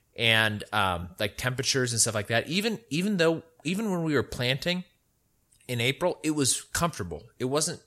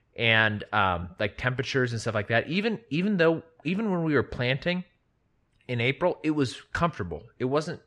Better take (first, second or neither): first